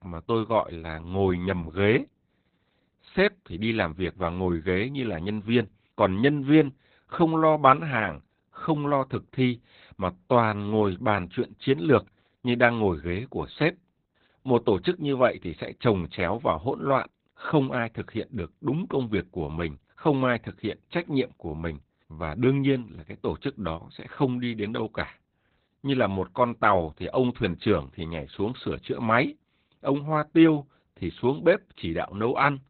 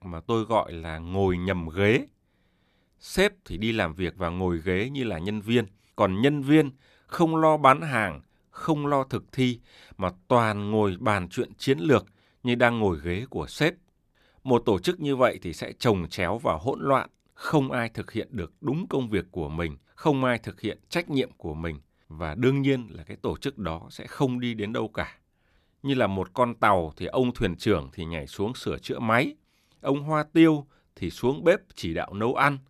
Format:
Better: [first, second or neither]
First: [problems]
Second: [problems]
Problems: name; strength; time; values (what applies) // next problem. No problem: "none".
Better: second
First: garbled, watery; badly; nothing above 4 kHz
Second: none